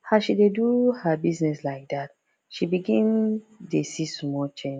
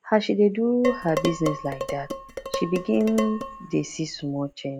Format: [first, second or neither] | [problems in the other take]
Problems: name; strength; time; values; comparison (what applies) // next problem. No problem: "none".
first | background sound (Dishes, pots, and pans); 8 dB below the speech